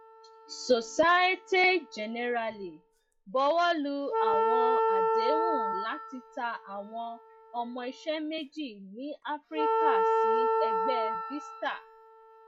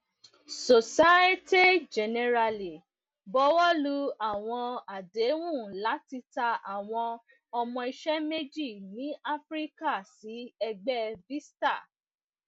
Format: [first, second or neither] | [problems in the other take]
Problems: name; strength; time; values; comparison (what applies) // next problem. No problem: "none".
second | noise reduction (classical method log-MMSE)